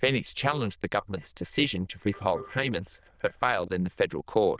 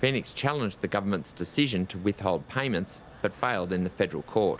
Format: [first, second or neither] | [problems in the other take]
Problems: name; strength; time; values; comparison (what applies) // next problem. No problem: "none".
second | noise reduction (neural diffusion model UNIVERSE++)